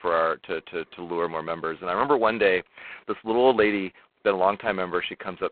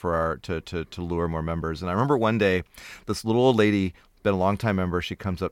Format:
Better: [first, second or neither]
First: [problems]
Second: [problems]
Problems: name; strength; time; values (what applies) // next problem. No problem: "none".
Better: second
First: phone-call audio; poor line; nothing above 4 kHz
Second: none